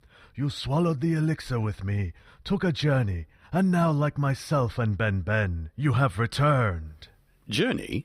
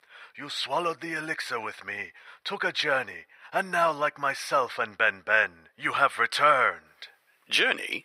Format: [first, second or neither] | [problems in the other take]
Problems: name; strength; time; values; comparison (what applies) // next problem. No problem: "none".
first | thin; very; fading below 700 Hz